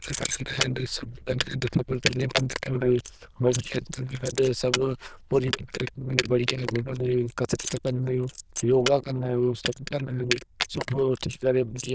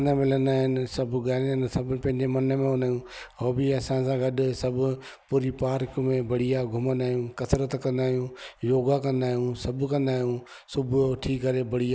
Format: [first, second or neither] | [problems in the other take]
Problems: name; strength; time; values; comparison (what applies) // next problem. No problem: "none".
second | noise reduction (neural diffusion model UNIVERSE++)